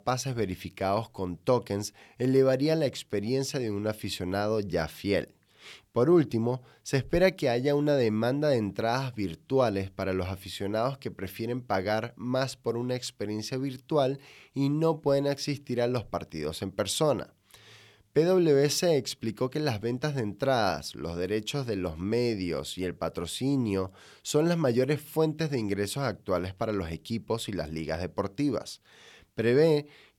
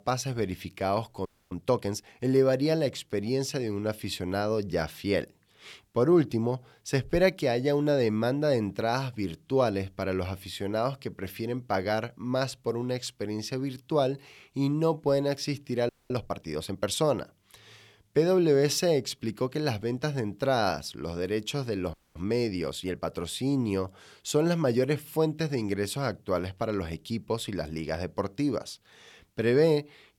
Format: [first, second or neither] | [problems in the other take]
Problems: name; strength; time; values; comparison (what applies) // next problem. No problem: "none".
first | audio freezing; at 1.5 s, at 16 s and at 22 s